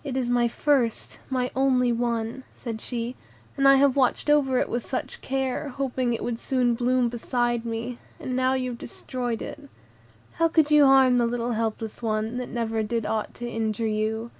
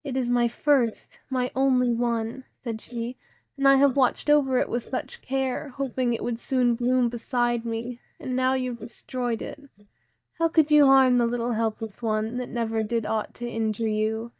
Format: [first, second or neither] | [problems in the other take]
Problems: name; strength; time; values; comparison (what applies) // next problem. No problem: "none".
first | noise reduction (neural mask model DeepFilterNet 3)